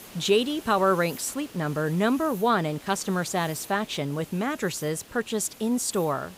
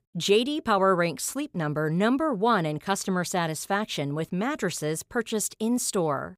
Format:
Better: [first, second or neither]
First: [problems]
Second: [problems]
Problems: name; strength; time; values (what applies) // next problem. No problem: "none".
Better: second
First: hiss; noticeable; throughout; 20 dB below the speech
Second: none